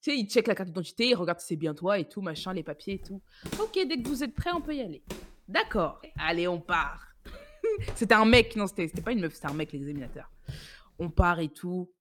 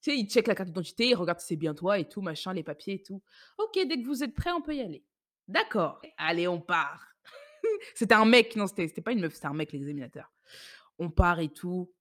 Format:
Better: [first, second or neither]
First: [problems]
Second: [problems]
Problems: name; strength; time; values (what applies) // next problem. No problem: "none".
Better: second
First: footsteps; noticeable; from 3 to 11 s; peak 8 dB below the speech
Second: none